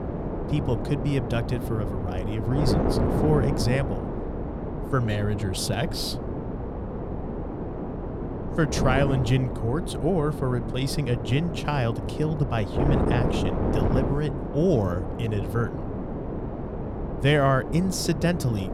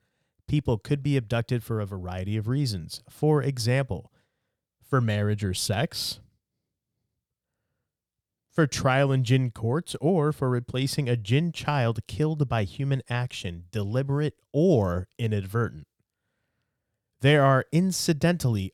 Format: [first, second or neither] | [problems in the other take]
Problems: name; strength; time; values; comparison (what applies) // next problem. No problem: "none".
second | wind noise on the microphone; heavy; 4 dB below the speech